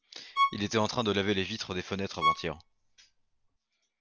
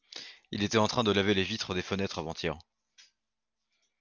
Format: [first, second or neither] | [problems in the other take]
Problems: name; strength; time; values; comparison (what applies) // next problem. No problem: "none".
second | background sound (Bowed string instrument); as loud as the speech